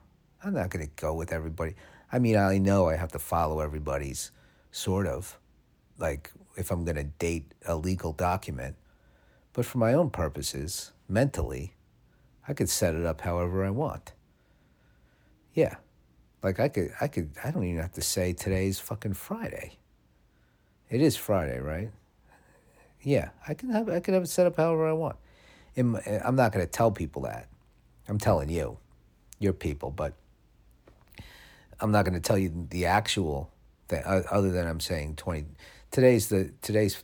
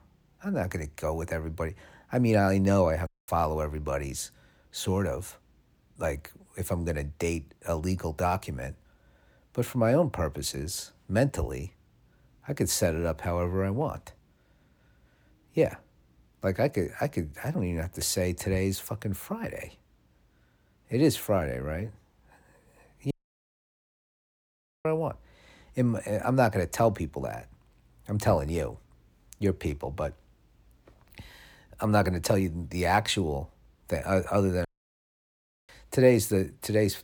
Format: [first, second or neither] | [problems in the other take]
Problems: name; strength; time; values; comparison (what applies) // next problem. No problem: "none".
first | audio cutting out; at 3 s, at 23 s for 1.5 s and at 35 s for 1 s